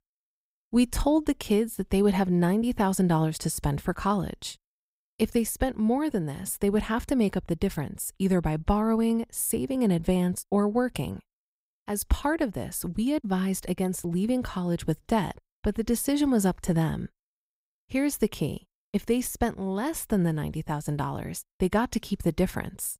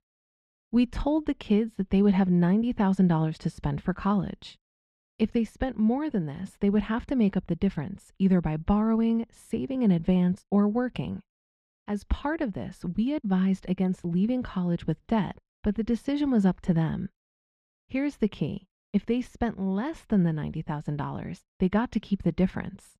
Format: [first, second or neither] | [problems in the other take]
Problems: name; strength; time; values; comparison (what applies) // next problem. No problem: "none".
first | muffled; slightly; fading above 3 kHz